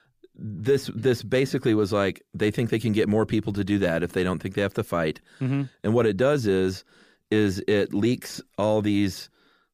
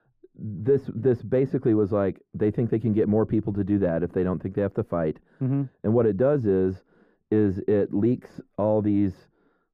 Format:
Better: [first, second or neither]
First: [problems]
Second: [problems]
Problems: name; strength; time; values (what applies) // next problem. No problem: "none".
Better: first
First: none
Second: muffled; very; fading above 2 kHz